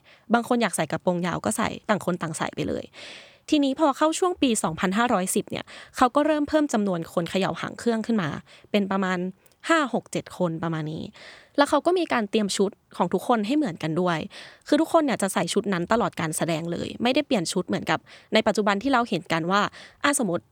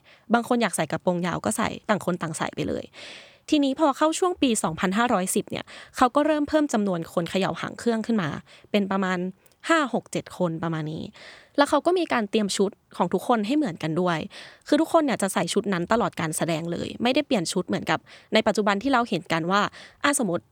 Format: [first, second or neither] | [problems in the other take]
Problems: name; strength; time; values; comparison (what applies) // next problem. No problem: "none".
neither | none